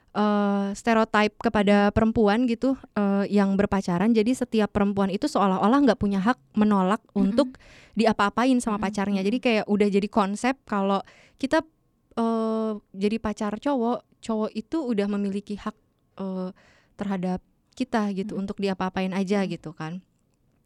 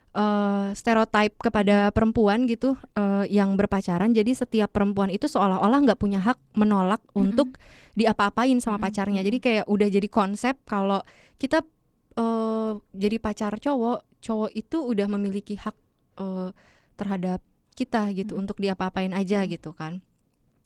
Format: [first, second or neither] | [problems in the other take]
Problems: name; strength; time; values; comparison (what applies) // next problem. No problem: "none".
first | garbled, watery; slightly